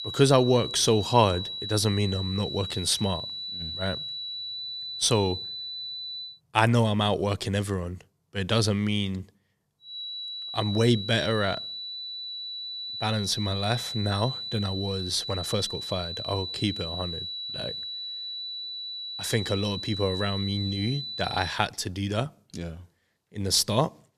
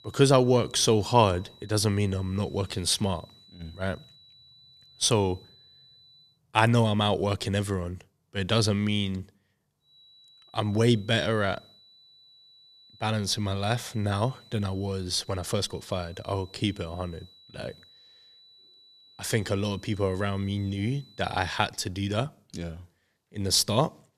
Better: second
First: high-pitched whine; loud; until 6.5 s and from 10 to 22 s; 4 kHz, 6 dB below the speech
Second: high-pitched whine; faint; until 6.5 s and from 10 to 22 s; 4 kHz, 25 dB below the speech

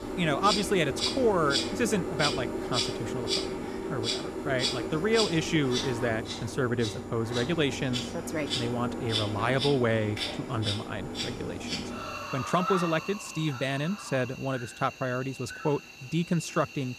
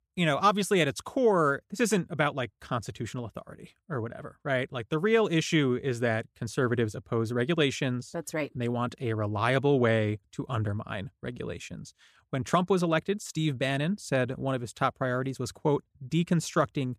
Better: second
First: animal sounds; loud; throughout; 3 dB below the speech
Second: none

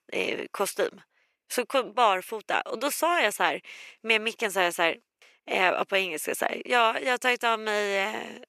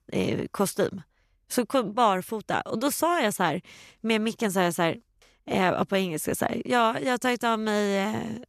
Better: second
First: thin; somewhat; fading below 450 Hz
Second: none

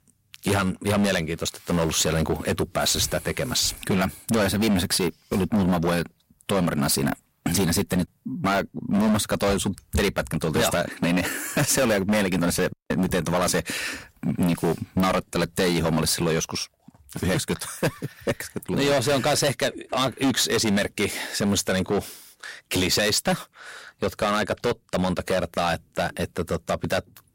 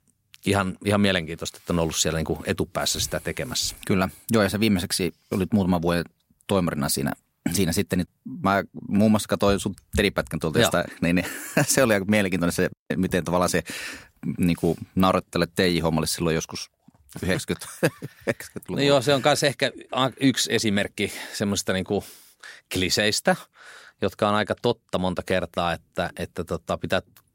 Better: second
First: distortion; heavy; 12% of the sound clipped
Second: none

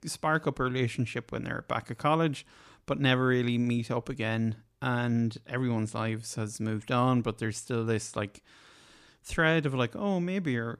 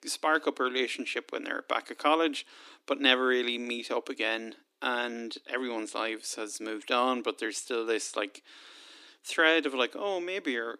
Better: first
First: none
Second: thin; somewhat; fading below 300 Hz

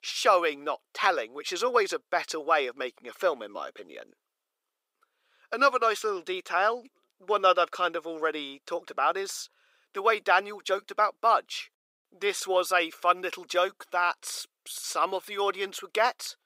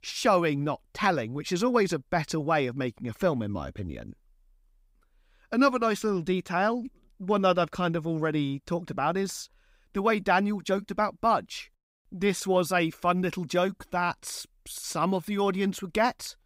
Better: second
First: thin; very; fading below 450 Hz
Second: none

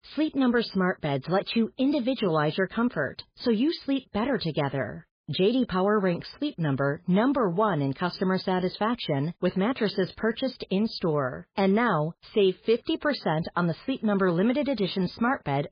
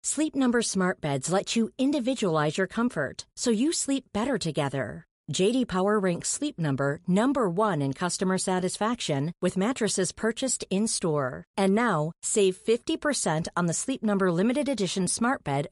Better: second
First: garbled, watery; badly; nothing above 4 kHz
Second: garbled, watery; slightly; nothing above 11 kHz

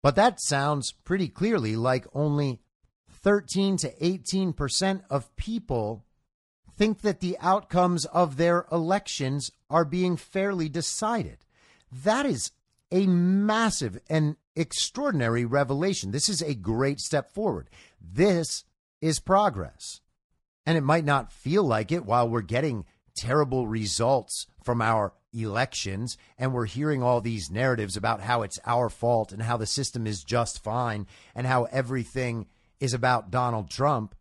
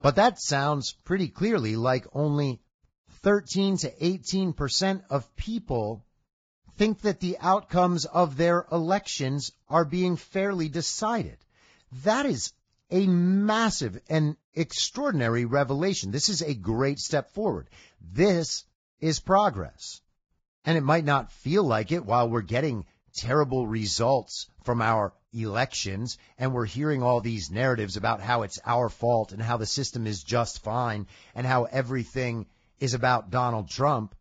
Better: first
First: garbled, watery; slightly; nothing above 10.5 kHz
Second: garbled, watery; badly; nothing above 7.5 kHz

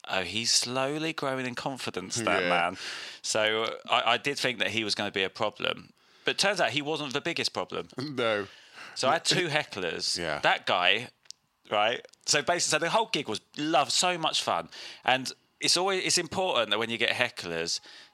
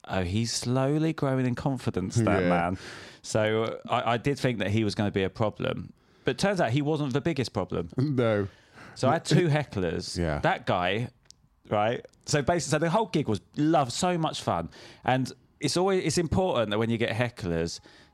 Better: second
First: thin; somewhat; fading below 1 kHz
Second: none

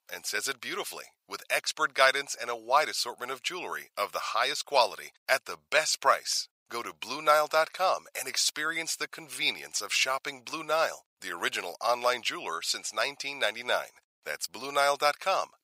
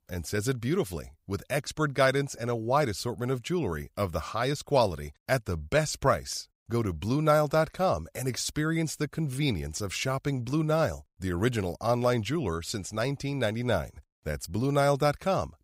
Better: second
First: thin; very; fading below 900 Hz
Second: none

